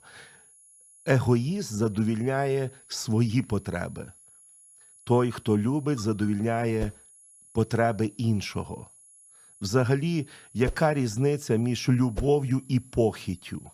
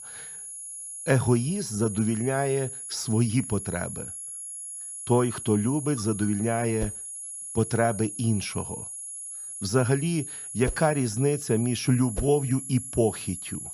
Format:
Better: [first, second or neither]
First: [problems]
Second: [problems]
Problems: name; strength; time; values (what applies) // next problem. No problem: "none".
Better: first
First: high-pitched whine; faint; throughout; 10.5 kHz, 25 dB below the speech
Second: high-pitched whine; loud; throughout; 10.5 kHz, 8 dB below the speech